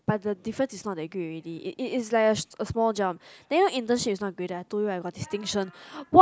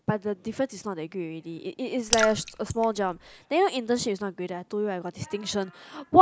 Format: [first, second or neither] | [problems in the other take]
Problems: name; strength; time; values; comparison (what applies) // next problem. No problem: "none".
first | background sound (Raindrop / Splash, splatter); 6 dB below the speech